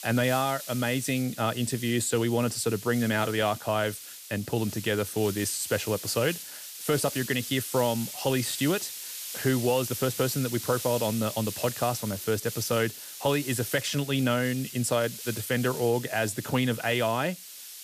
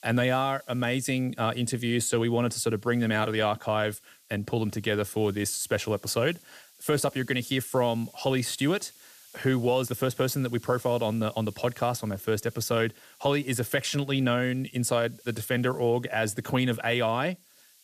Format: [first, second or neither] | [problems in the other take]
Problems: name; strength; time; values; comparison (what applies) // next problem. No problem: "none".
second | hiss; loud; throughout; 9 dB below the speech; faint in the second